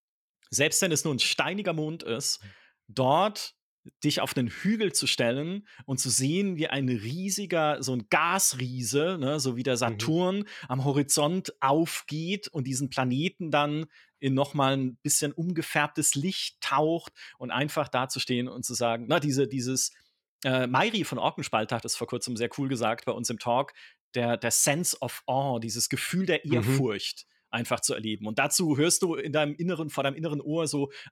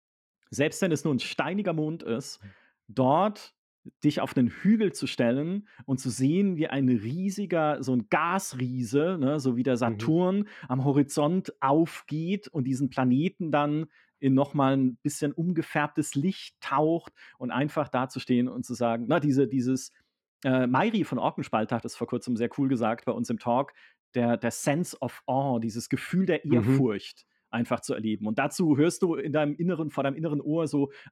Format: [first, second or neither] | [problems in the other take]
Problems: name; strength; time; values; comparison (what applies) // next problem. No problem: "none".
first | muffled; slightly; fading above 2.5 kHz